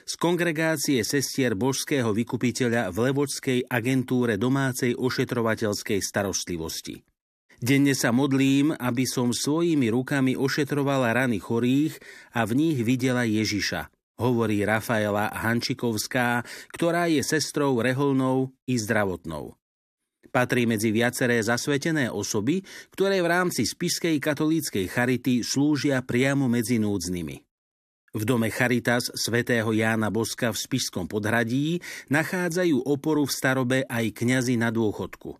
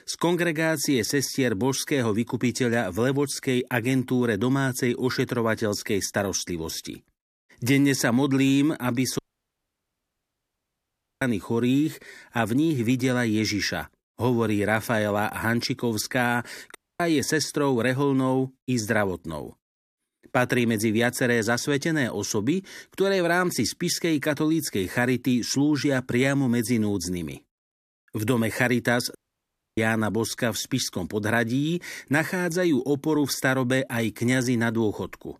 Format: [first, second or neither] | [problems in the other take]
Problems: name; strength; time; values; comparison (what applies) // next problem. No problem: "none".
first | audio cutting out; at 9 s for 2 s, at 17 s and at 29 s for 0.5 s